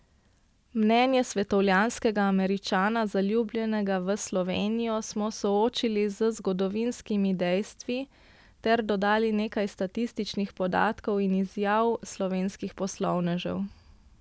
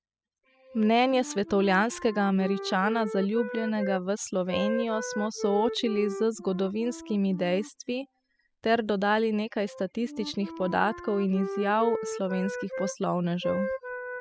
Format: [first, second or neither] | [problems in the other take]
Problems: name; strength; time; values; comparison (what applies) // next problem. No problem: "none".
first | noise reduction (classical method spectral subtraction)